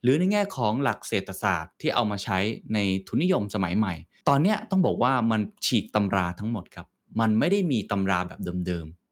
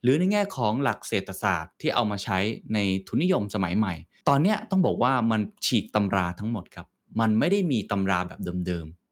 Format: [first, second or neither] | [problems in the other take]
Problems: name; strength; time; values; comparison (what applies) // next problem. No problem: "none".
neither | none